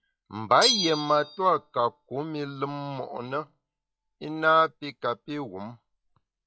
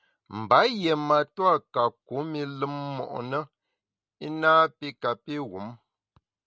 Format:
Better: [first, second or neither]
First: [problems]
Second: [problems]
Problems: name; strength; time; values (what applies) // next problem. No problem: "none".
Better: second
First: noise reduction (classical method log-MMSE)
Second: none